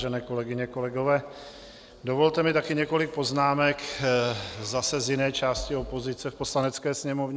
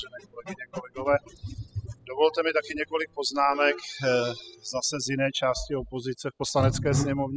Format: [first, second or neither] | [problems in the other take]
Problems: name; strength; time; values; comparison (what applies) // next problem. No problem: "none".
first | noise reduction (classical method spectral subtraction)